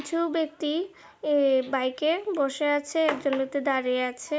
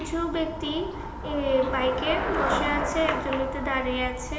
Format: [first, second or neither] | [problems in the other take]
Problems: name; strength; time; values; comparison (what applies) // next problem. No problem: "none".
first | background sound (Traffic noise, roadway noise / Bicycle); 4 dB below the speech // room echo; dies away in 0.9 s